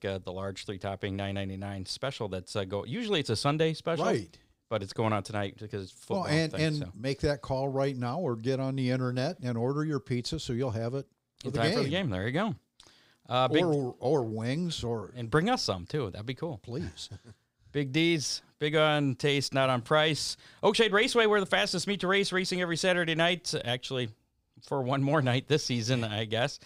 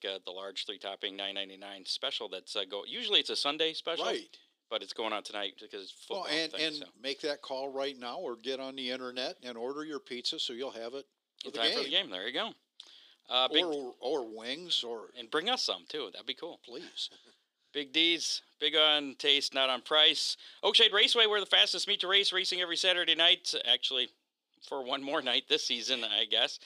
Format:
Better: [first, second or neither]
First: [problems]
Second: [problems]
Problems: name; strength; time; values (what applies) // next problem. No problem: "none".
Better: first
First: none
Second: thin; somewhat; fading below 300 Hz